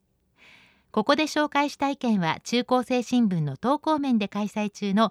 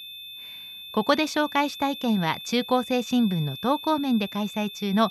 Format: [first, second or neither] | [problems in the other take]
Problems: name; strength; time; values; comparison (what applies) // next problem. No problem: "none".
first | high-pitched whine; noticeable; throughout; 3.5 kHz, 10 dB below the speech